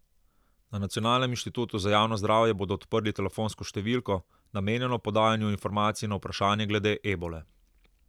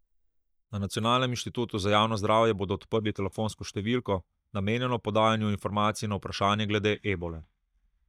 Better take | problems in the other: first | noise reduction (neural mask model DeepFilterNet 3)

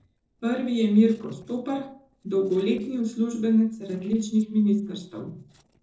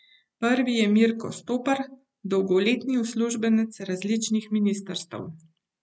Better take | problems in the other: second | noise reduction (neural separator model SepFormer DNS4)

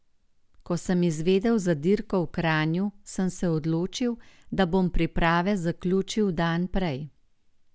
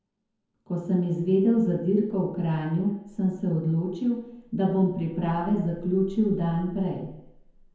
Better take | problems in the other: first | room echo; dies away in 0.9 s

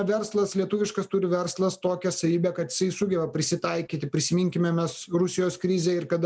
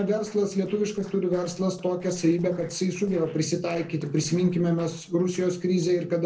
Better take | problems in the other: first | noise reduction (neural separator model SepFormer DNS4)

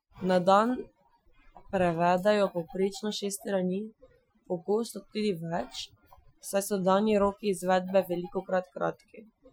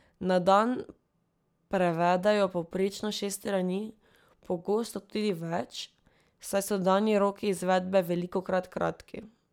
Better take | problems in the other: second | noise reduction (classical method Wiener filter)

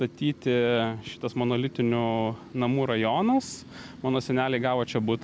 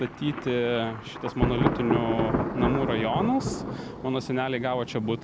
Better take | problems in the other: first | background sound (Thunder); 2 dB below the speech

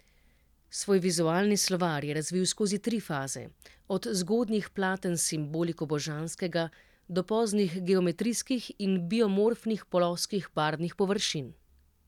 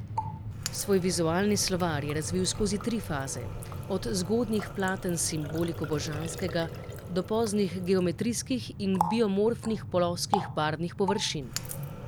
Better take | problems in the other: first | background sound (Train + Water tap, faucet); 7 dB below the speech

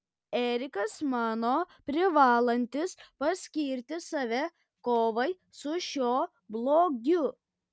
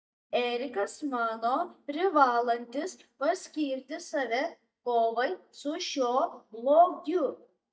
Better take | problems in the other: first | noise reduction (neural mask model DeepFilterNet 3)

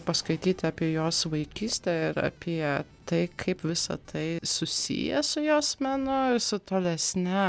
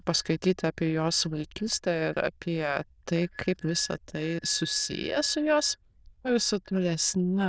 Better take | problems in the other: first | noise reduction (neural diffusion model UNIVERSE++)

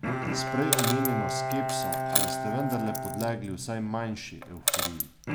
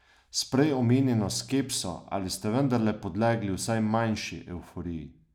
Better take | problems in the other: second | background sound (Bowed string instrument + Coin (dropping)); 2 dB above the speech

